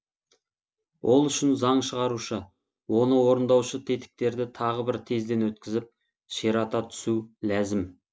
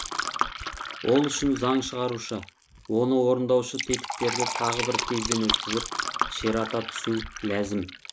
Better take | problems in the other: first | background sound (Fill (with liquid)); 5 dB below the speech

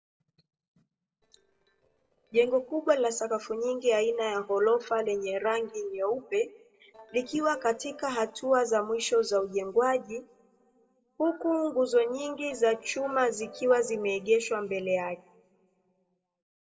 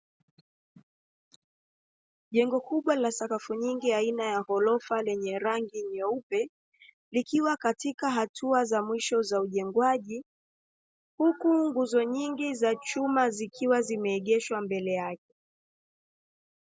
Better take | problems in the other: second | noise reduction (neural separator model SepFormer DNS4)

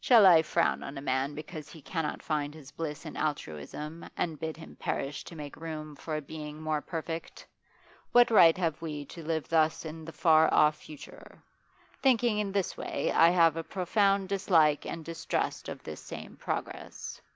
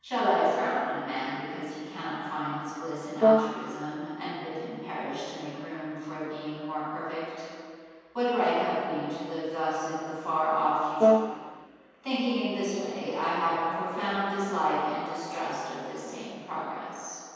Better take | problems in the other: first | background sound (Brass instrument); 4 dB above the speech // room echo; dies away in 2.1 s

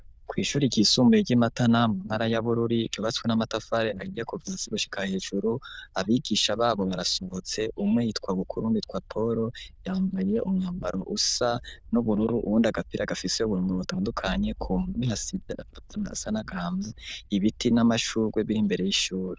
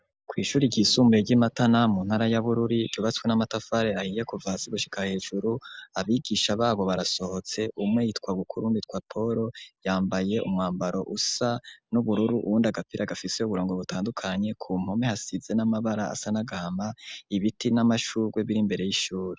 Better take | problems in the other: second | noise reduction (neural diffusion model UNIVERSE++)

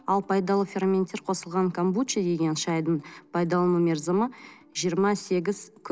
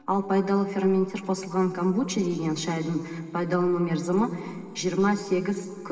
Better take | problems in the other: first | room echo; dies away in 2.7 s

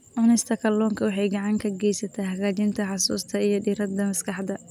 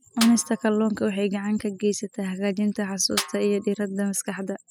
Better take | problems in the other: first | noise reduction (classical method spectral subtraction)

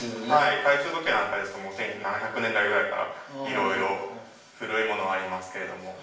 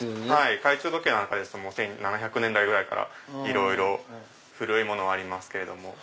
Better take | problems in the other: second | room echo; dies away in 0.6 s

